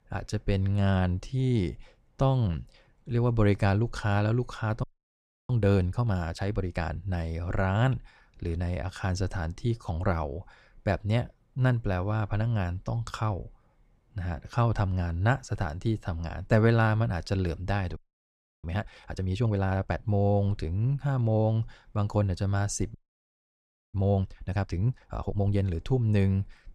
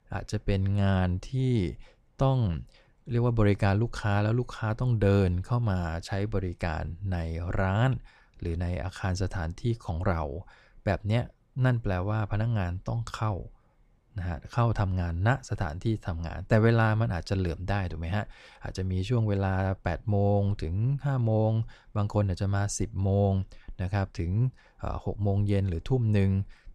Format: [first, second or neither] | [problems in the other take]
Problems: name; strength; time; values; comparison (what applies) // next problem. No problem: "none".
second | audio freezing; at 5 s for 0.5 s, at 18 s for 0.5 s and at 23 s for 1 s